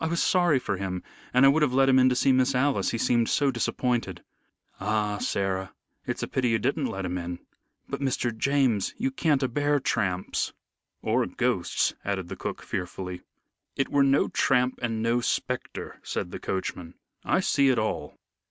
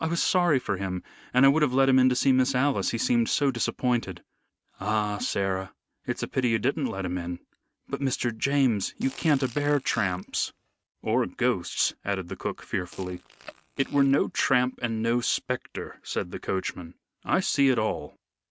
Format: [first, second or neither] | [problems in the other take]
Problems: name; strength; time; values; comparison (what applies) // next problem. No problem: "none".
first | noise reduction (neural mask model RNNoise)